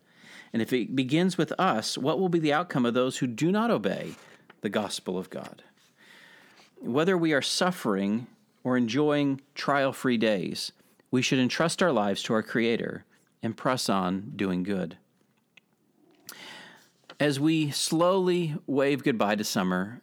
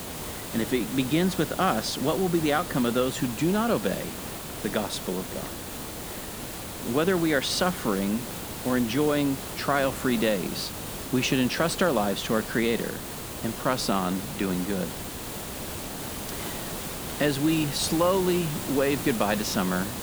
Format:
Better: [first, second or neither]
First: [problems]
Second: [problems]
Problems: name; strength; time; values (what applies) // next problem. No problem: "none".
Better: first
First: none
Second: hiss; loud; throughout; 8 dB below the speech